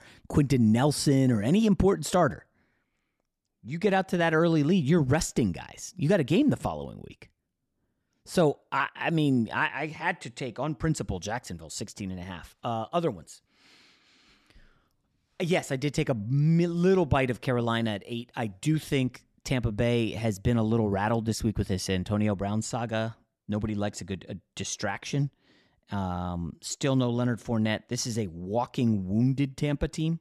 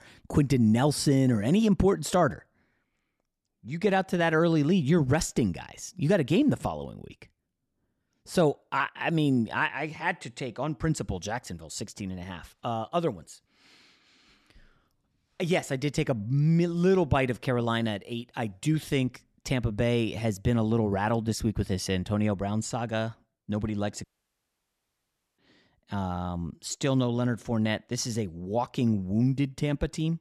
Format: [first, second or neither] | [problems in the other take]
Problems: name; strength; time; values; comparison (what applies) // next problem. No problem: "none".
first | audio cutting out; at 24 s for 1.5 s